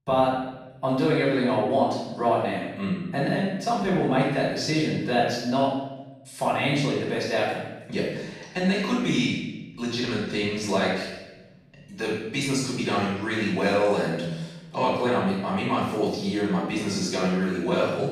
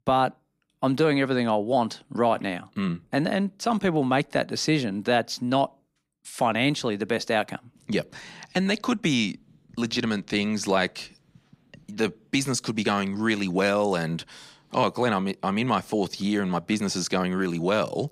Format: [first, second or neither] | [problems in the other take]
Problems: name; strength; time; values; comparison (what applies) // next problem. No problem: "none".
second | off-mic speech; far // room echo; strong; dies away in 0.9 s